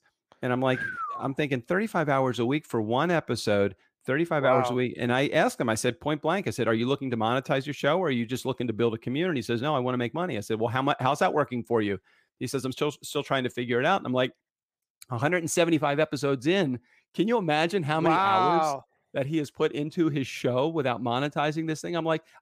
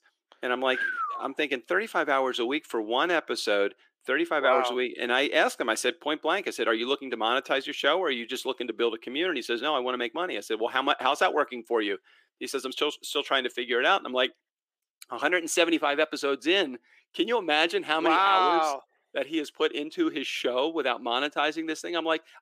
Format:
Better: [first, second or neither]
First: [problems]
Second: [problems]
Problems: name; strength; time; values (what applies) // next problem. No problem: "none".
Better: first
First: none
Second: thin; somewhat; fading below 300 Hz